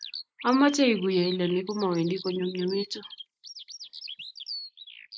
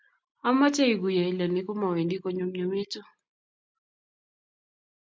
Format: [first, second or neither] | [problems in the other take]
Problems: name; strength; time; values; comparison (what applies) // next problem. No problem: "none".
second | noise reduction (neural mask model Resemble Enhance denoiser)